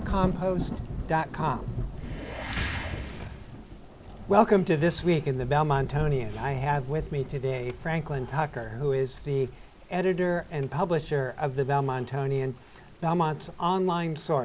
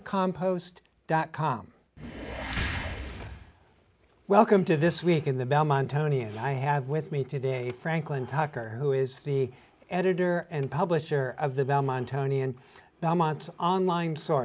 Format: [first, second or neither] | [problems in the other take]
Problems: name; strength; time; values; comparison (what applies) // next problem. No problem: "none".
second | background sound (Thunder / Rain); 11 dB below the speech